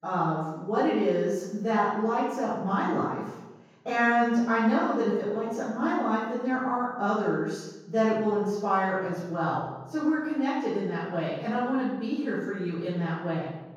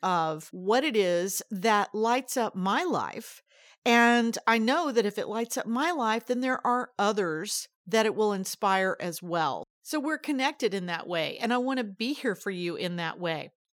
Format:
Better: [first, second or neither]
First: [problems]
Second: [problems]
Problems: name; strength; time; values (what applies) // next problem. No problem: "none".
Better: second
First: room echo; strong; dies away in 1.3 s // off-mic speech; far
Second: none